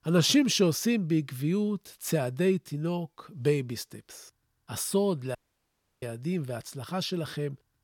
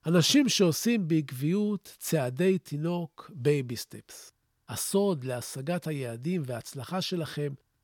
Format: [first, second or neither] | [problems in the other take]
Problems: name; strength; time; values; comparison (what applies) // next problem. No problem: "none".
second | audio cutting out; at 5.5 s for 0.5 s